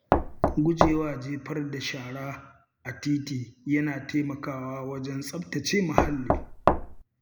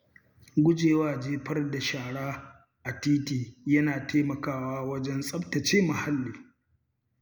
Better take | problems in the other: second | background sound (Knock); 5 dB above the speech

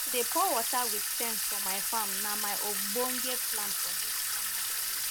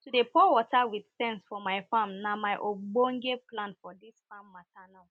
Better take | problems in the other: second | background sound (Sink (filling or washing) / Water tap, faucet); 5 dB above the speech

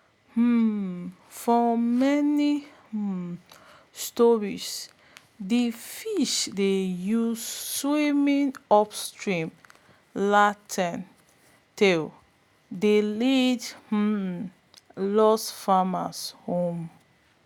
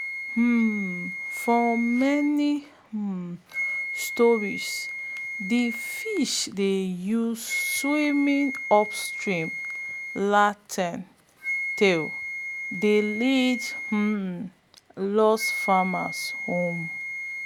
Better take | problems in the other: first | background sound (Wind instrument, woodwind instrument); 8 dB below the speech

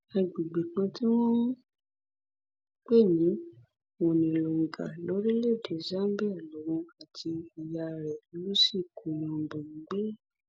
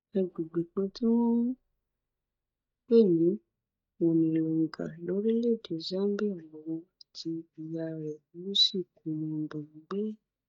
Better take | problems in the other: first | noise reduction (neural mask model DeepFilterNet 3)

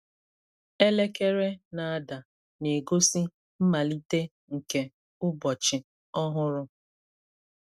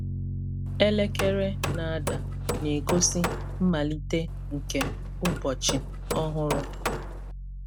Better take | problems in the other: first | background sound (Hammer + Piano); 2 dB below the speech

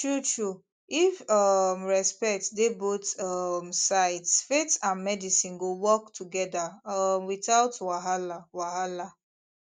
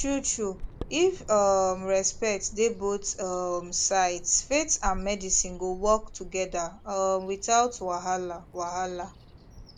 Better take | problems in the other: first | background sound (Bird vocalization, bird call, bird song); 13 dB below the speech

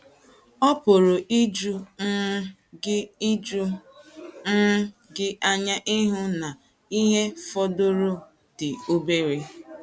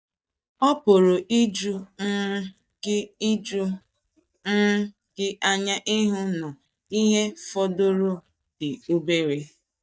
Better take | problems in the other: first | noise reduction (neural mask model DeepFilterNet 3)

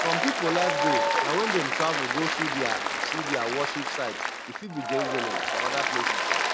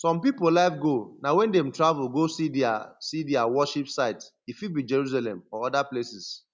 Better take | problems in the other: second | background sound (Applause); 4 dB above the speech

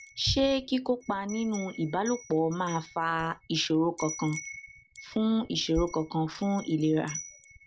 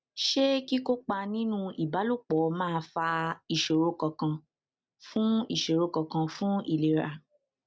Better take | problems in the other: second | background sound (Wind chime); 14 dB below the speech

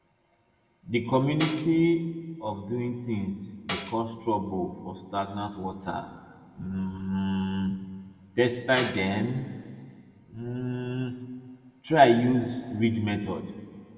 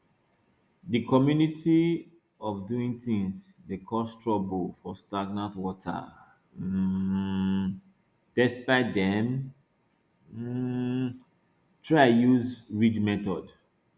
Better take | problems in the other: second | background sound (Tambourine); 13 dB below the speech // room echo; dies away in 1.3 s

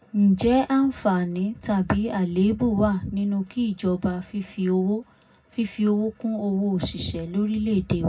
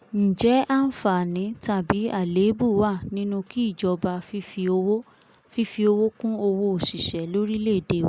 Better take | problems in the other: second | room echo; dies away in 0.3 s

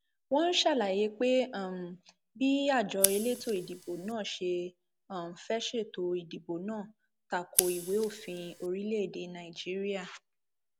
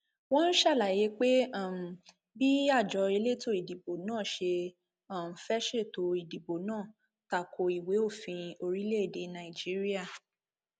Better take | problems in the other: second | background sound (Scissors); 9 dB below the speech

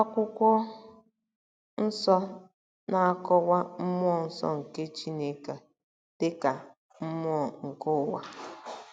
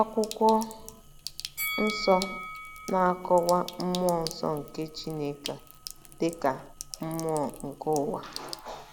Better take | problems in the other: first | background sound (Bell + Sink (filling or washing)); 11 dB below the speech

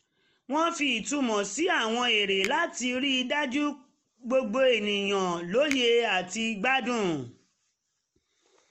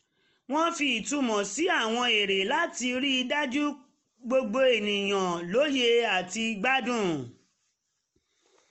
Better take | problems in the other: second | background sound (Finger snapping); 18 dB below the speech

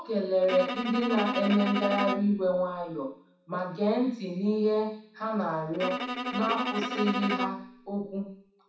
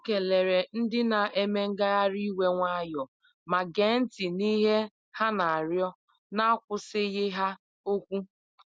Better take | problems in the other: second | background sound (Bowed string instrument); 5 dB below the speech // room echo; dies away in 0.7 s

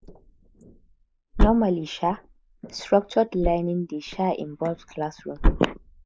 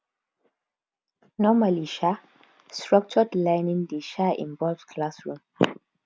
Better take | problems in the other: second | noise reduction (neural mask model Resemble Enhance denoiser)

